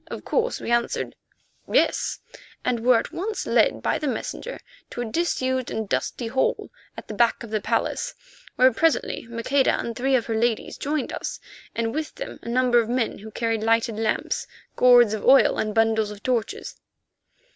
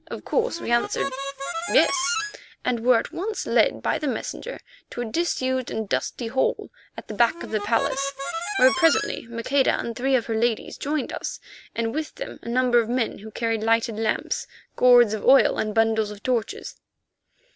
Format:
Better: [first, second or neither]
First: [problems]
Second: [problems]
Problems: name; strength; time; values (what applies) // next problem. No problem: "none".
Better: first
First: none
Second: background sound (Harmonica); 6 dB below the speech